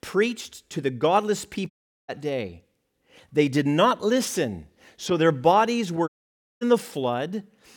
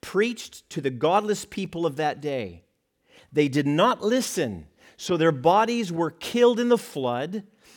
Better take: second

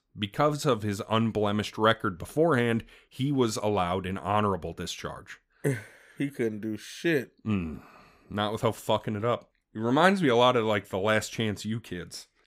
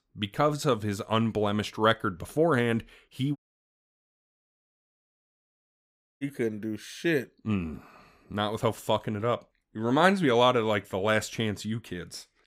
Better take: first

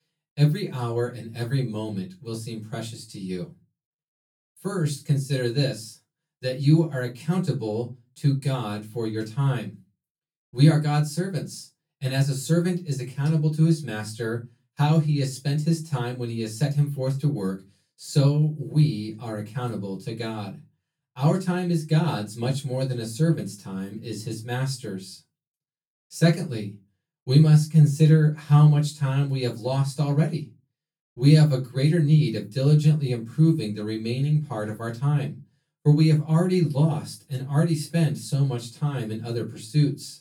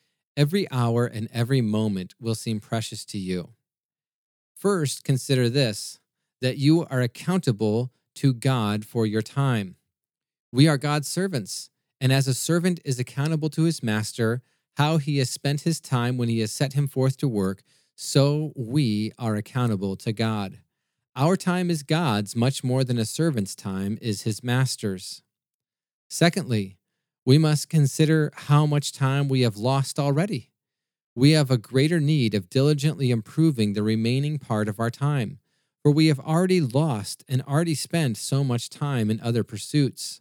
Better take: second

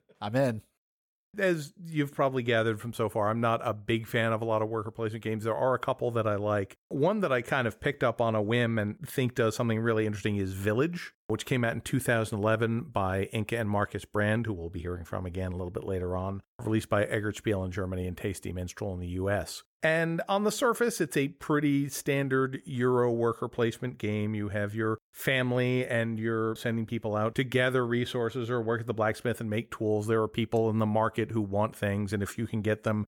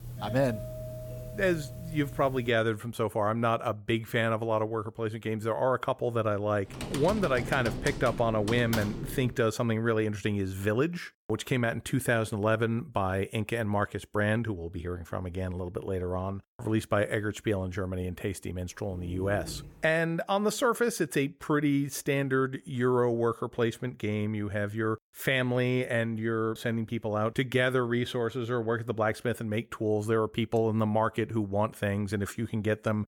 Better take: first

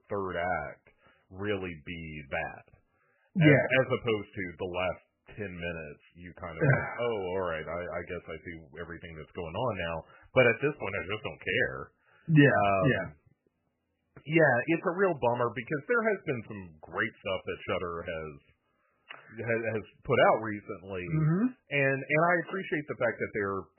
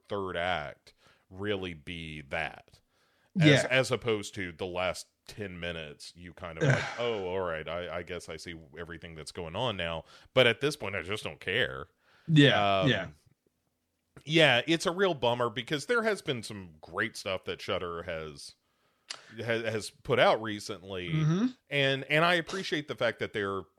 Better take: second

